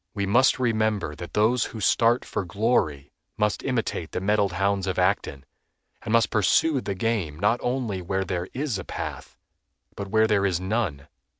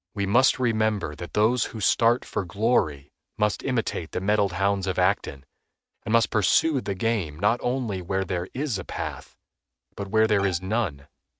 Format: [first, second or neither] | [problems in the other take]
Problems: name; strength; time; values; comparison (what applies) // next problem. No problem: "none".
first | noise reduction (neural mask model RNNoise)